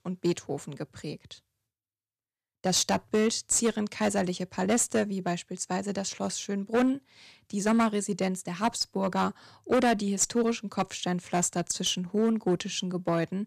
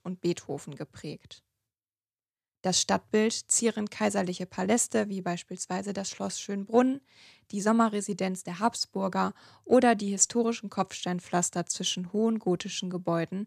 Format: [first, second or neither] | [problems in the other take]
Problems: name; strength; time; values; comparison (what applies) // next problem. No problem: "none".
second | distortion; slight; 4% of the sound clipped